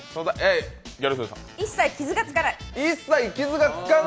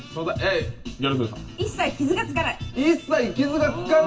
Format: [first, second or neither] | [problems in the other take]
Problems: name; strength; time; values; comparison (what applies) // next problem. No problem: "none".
first | room echo; dies away in 0.2 s